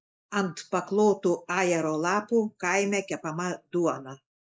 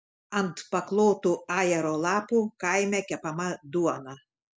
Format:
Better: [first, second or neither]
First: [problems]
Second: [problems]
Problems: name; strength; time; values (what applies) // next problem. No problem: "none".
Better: second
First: noise reduction (neural mask model Resemble Enhance denoiser)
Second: none